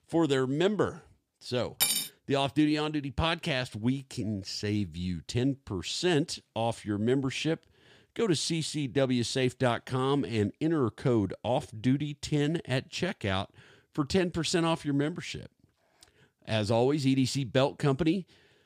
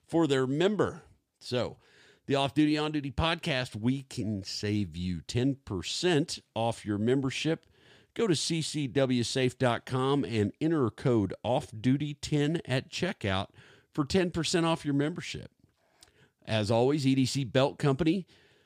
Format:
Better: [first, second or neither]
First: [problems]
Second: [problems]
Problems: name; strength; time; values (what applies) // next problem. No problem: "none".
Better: second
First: clattering dishes; loud; at 2 s; peak 3 dB above the speech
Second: none